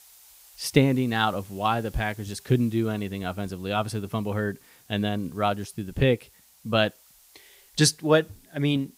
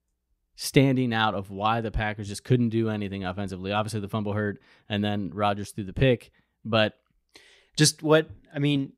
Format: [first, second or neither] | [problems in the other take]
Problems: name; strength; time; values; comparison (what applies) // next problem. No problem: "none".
second | hiss; faint; throughout; 25 dB below the speech